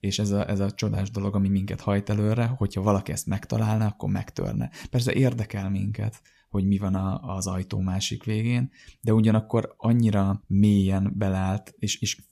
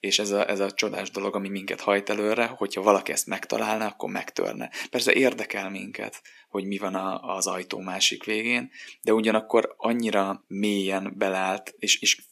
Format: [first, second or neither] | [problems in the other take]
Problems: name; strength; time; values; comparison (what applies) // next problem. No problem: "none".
first | thin; very; fading below 300 Hz